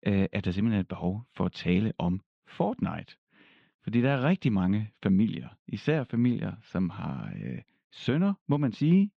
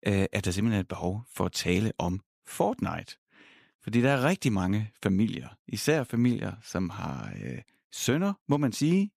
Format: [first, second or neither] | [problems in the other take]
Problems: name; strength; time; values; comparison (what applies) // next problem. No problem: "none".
second | muffled; slightly; fading above 3.5 kHz